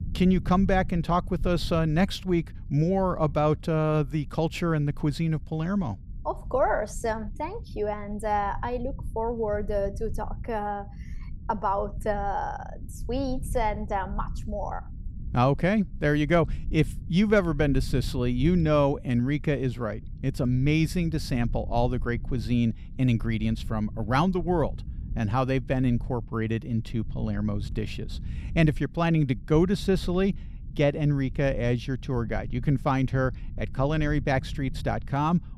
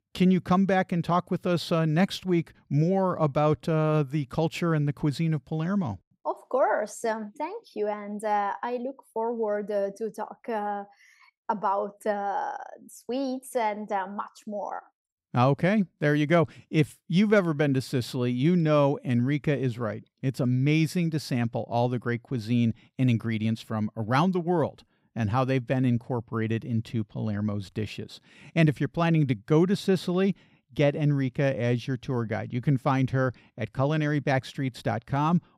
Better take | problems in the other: second | low rumble; faint; throughout; 25 dB below the speech

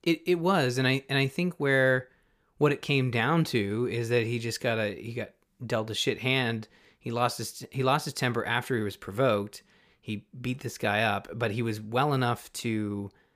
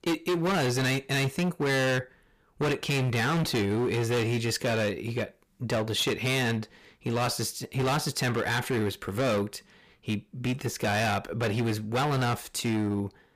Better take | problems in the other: first | distortion; heavy; 21% of the sound clipped

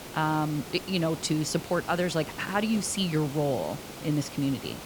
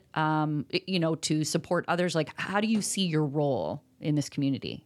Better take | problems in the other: second | hiss; noticeable; throughout; 10 dB below the speech

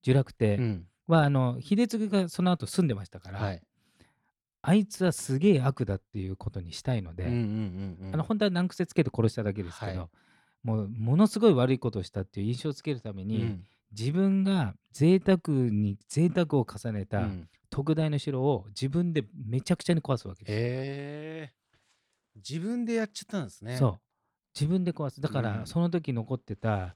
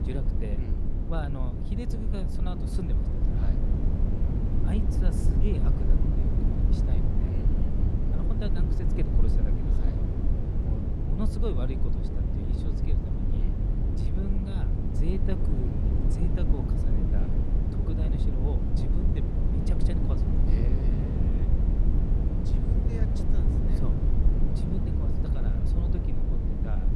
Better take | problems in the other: first | wind noise on the microphone; heavy; 3 dB above the speech

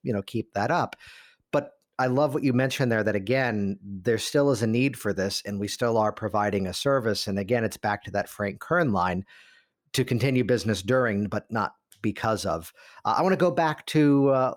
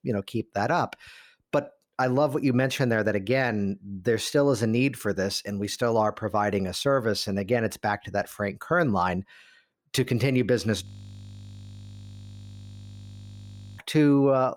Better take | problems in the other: first | audio freezing; at 11 s for 3 s

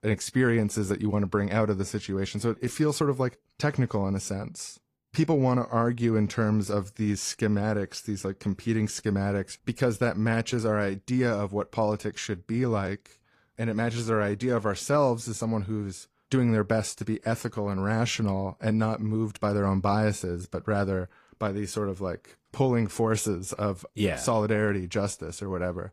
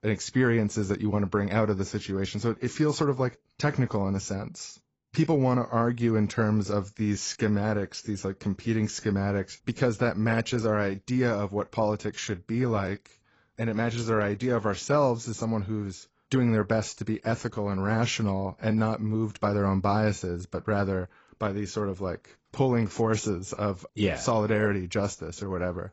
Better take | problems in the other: first | garbled, watery; badly; nothing above 7.5 kHz; slightly in the first

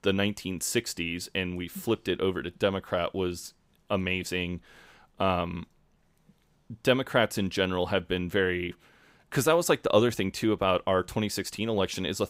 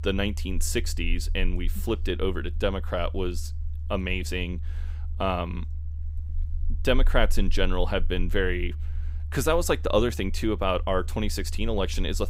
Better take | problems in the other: first | low rumble; faint; throughout; 25 dB below the speech

